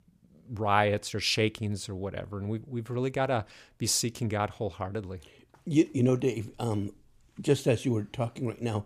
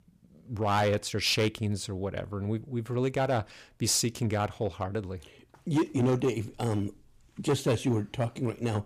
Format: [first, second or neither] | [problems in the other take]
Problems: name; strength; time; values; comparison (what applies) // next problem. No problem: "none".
first | distortion; slight; 5% of the sound clipped